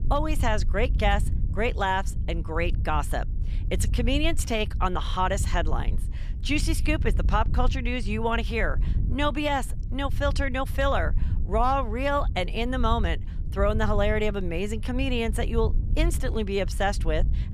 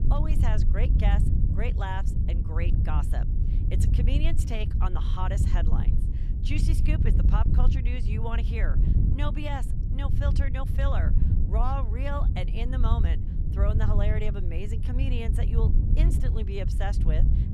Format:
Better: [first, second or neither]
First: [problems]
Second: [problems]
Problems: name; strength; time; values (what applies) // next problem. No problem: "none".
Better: first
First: wind noise on the microphone; occasional gusts; 20 dB below the speech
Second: wind noise on the microphone; heavy; 5 dB below the speech